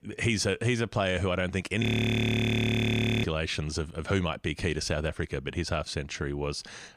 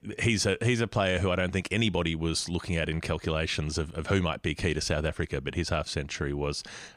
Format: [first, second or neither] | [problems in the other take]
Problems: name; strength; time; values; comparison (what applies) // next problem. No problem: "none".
second | audio freezing; at 2 s for 1.5 s